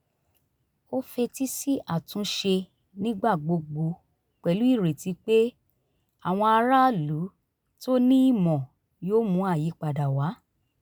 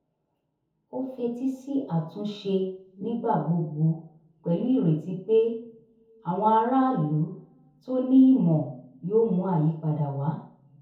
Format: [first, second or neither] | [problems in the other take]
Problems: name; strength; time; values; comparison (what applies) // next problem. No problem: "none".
first | room echo; dies away in 0.6 s